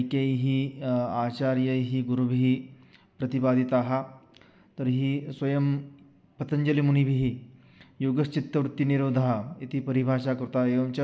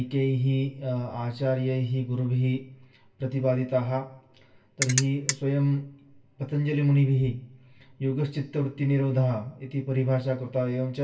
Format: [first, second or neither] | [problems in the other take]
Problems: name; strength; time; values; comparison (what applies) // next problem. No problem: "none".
first | background sound (Ratchet, pawl); 3 dB below the speech // room echo; dies away in 0.2 s